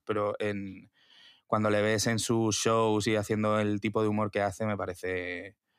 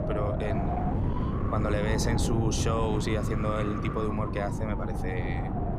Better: first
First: none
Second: wind noise on the microphone; heavy; 2 dB below the speech

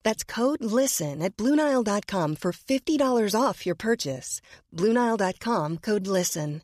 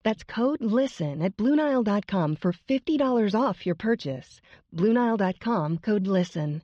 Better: first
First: none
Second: muffled; slightly; fading above 3.5 kHz

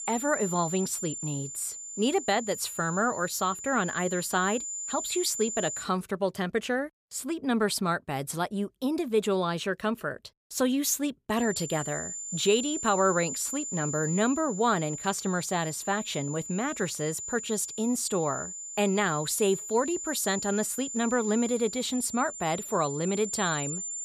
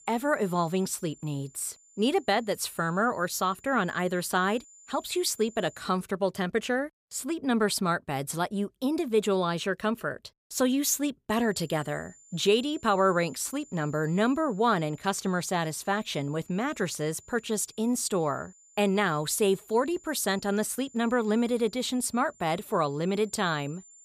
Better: second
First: high-pitched whine; loud; until 6 s and from 11 s on; 7 kHz, 6 dB below the speech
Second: high-pitched whine; faint; until 6 s and from 11 s on; 7 kHz, 25 dB below the speech

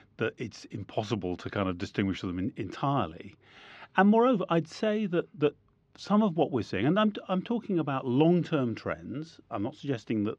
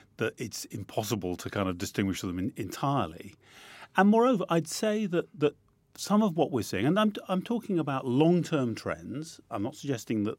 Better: second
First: muffled; slightly; fading above 4 kHz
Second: none

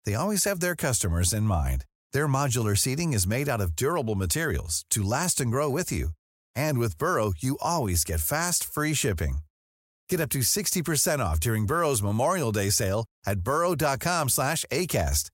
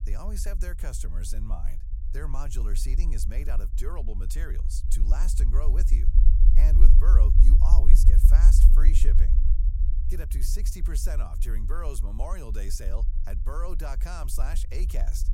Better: first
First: none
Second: low rumble; loud; throughout; 6 dB below the speech

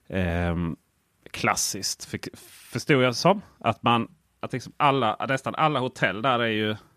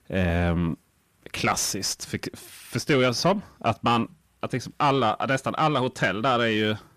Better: first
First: none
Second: distortion; slight; 10 dB below the speech

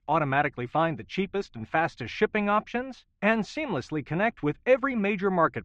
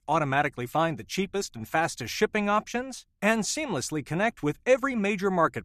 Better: second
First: muffled; slightly; fading above 3.5 kHz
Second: none

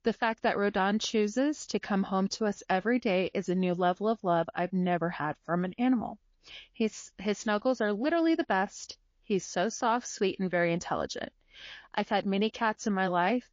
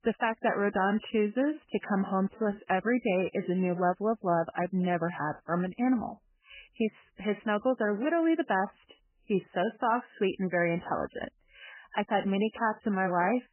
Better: first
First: garbled, watery; slightly; nothing above 6 kHz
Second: garbled, watery; badly; nothing above 3 kHz

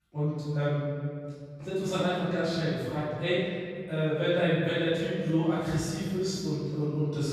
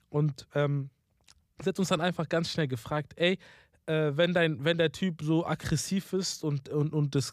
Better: second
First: off-mic speech; far // room echo; strong; dies away in 2 s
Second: none

